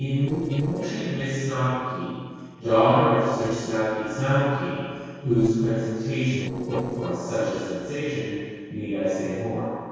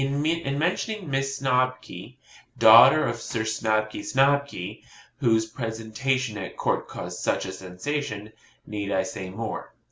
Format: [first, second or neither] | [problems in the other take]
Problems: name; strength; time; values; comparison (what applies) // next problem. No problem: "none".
second | noise reduction (neural separator model SepFormer DNS4)